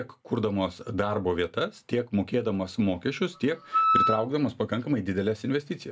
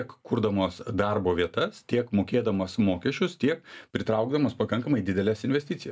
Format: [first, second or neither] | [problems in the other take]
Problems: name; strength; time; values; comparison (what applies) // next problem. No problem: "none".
second | background sound (Wind instrument, woodwind instrument); 1 dB above the speech